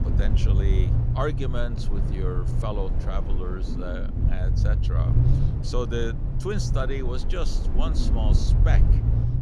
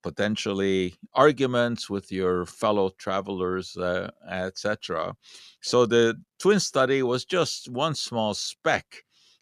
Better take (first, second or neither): second